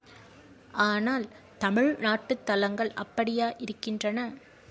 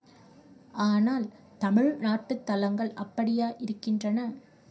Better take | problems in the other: first | room echo; dies away in 0.2 s

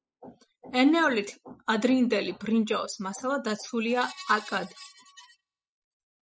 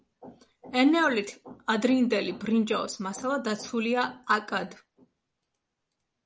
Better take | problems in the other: second | noise reduction (classical method spectral subtraction)

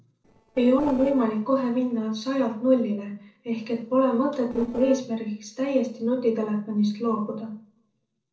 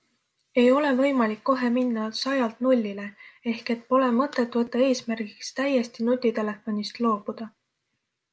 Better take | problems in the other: second | noise reduction (neural separator model SepFormer DNS4)

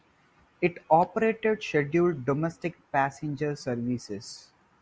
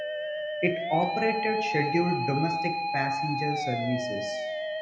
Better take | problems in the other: first | background sound (Musical instrument); 1 dB below the speech // room echo; dies away in 0.7 s

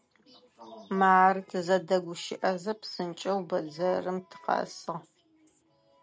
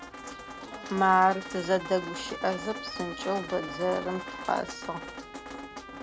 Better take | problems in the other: first | background sound (Trumpet + Drip); 10 dB below the speech

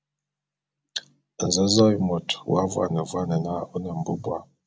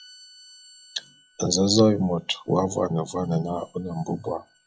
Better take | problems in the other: first | noise reduction (classical method log-MMSE)

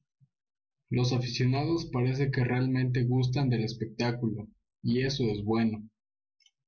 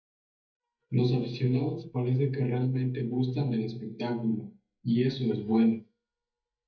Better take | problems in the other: first | noise reduction (neural mask model DeepFilterNet 3)

